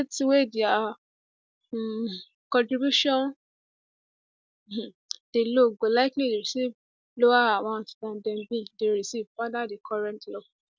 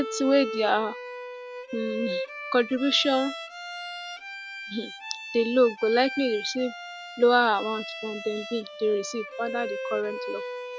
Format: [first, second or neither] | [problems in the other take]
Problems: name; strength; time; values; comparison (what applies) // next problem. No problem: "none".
first | background sound (Bowed string instrument); 9 dB below the speech